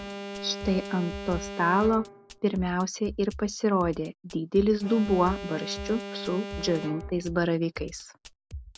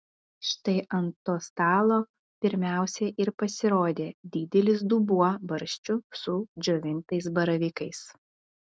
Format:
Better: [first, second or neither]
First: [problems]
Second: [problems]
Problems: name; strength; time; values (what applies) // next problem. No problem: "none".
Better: second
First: background sound (Drum kit + Alarm); 11 dB below the speech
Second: none